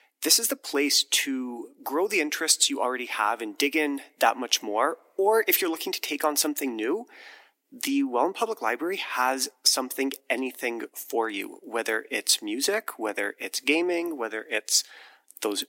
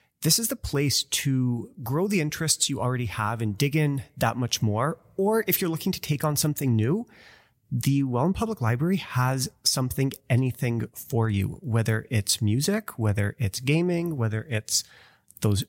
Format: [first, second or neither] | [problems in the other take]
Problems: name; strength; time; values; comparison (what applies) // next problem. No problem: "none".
second | thin; somewhat; fading below 250 Hz